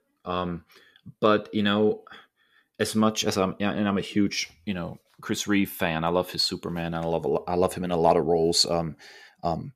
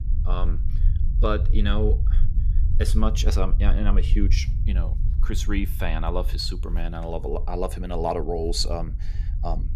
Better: first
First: none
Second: low rumble; noticeable; throughout; 15 dB below the speech

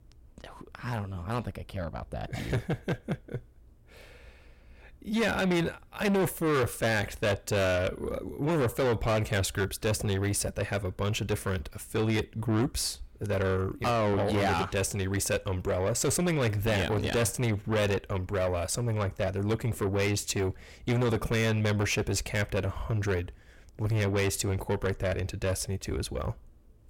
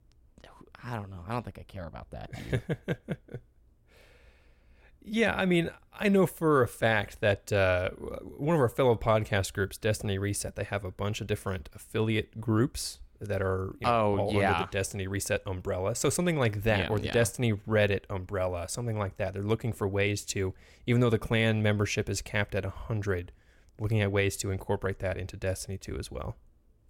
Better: second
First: distortion; heavy; 7 dB below the speech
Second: none

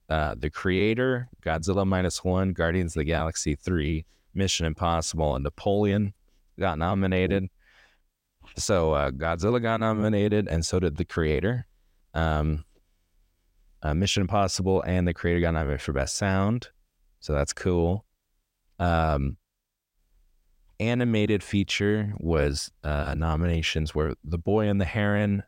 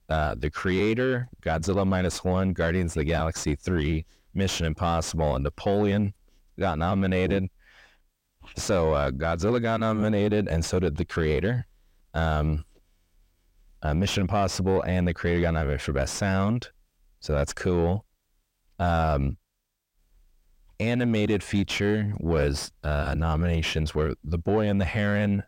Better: first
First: none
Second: distortion; slight; 10 dB below the speech

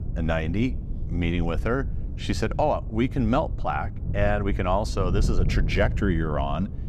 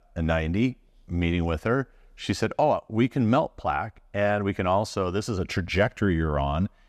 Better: second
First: wind noise on the microphone; occasional gusts; 15 dB below the speech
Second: none

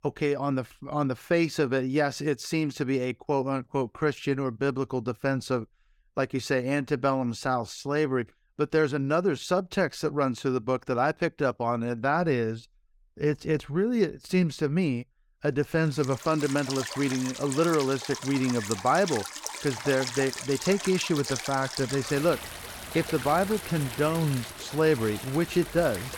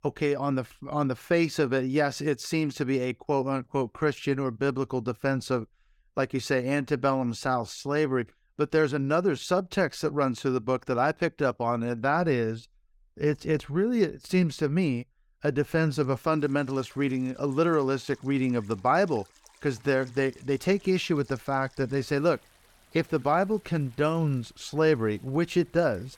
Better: second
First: rain or running water; loud; from 16 s on; 8 dB below the speech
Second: rain or running water; faint; from 16 s on; 30 dB below the speech

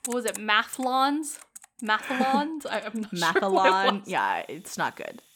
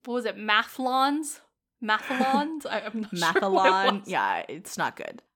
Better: second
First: household noises; noticeable; throughout; 20 dB below the speech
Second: none

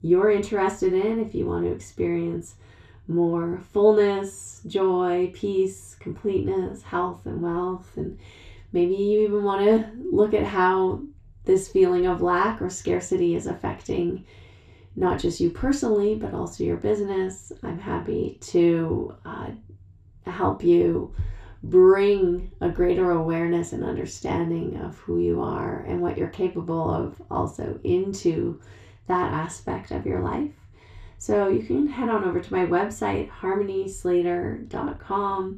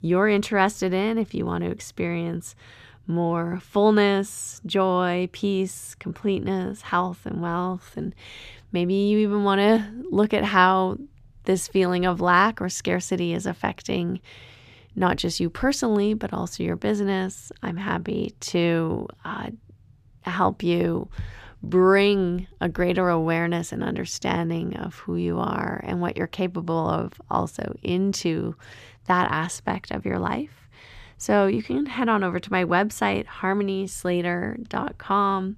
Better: second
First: room echo; very slight; dies away in 0.3 s // off-mic speech; somewhat distant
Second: none

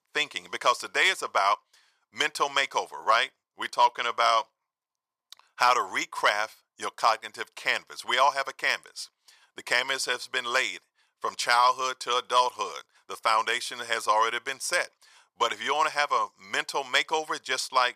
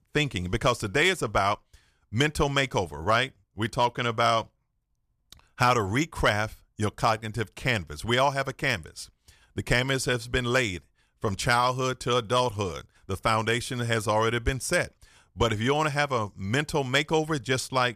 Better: second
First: thin; very; fading below 700 Hz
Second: none

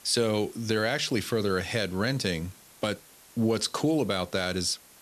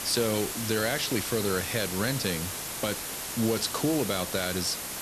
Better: first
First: hiss; faint; throughout; 25 dB below the speech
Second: hiss; loud; throughout; 3 dB below the speech

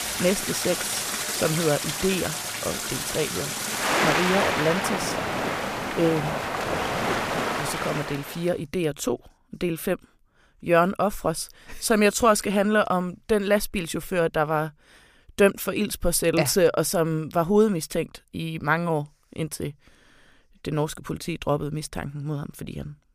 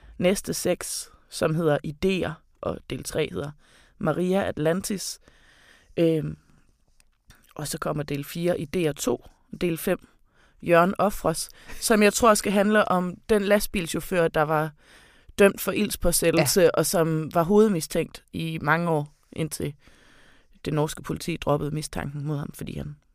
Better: second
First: rain or running water; loud; until 8 s; 1 dB below the speech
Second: none

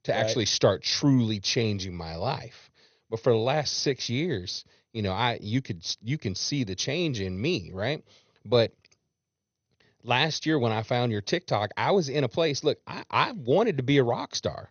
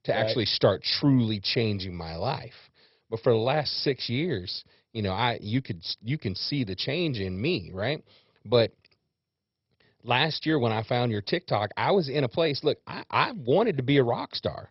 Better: first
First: garbled, watery; slightly; nothing above 6.5 kHz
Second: garbled, watery; badly; nothing above 5.5 kHz

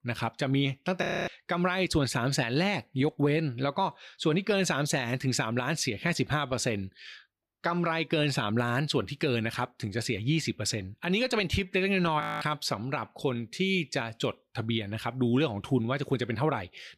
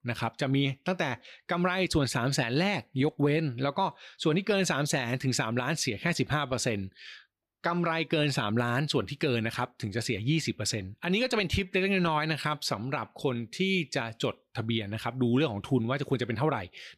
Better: second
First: audio freezing; at 1 s and at 12 s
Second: none

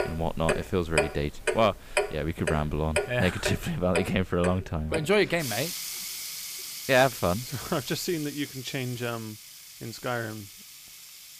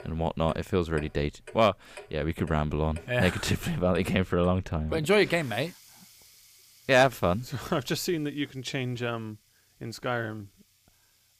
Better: second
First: household noises; loud; throughout; 6 dB below the speech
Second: household noises; faint; throughout; 25 dB below the speech

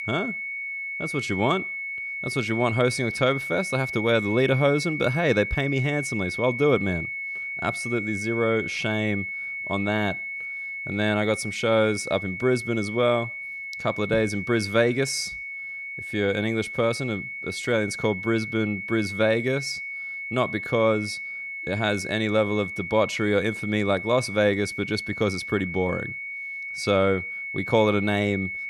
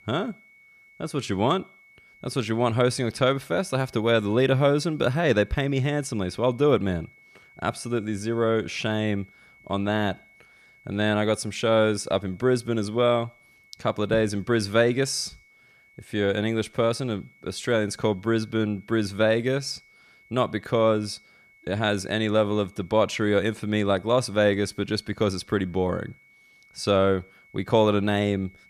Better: second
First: high-pitched whine; loud; throughout; 2 kHz, 6 dB below the speech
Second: high-pitched whine; faint; throughout; 2 kHz, 30 dB below the speech

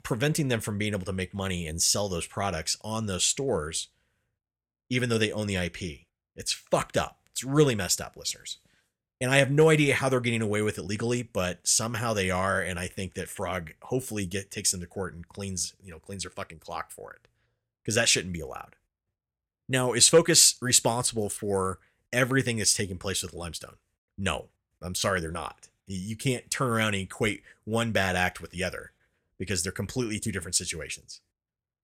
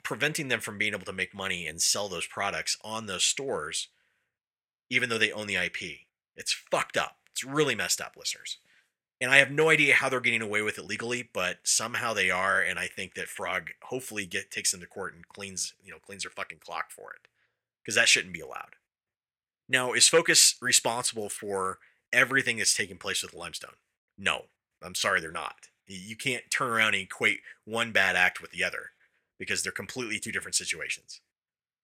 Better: first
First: none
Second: thin; somewhat; fading below 350 Hz

